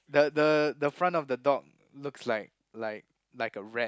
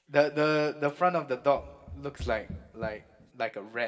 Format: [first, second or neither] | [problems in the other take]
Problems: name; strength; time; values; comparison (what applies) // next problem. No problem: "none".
first | background sound (Run); 14 dB below the speech // room echo; dies away in 1.5 s